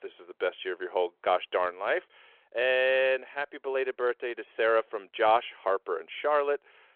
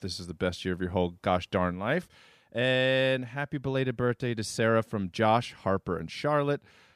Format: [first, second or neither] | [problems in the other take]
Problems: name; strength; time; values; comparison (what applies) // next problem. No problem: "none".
second | phone-call audio